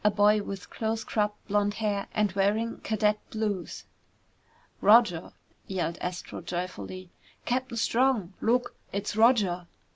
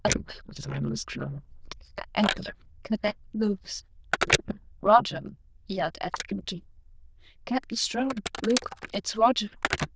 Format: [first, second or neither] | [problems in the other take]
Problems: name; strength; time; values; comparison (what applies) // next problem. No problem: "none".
first | noise reduction (neural diffusion model UNIVERSE++)